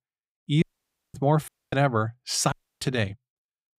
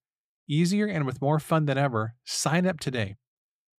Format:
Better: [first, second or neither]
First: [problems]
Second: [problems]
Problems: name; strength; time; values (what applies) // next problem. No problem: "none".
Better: second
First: audio cutting out; at 0.5 s for 0.5 s, at 1.5 s and at 2.5 s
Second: none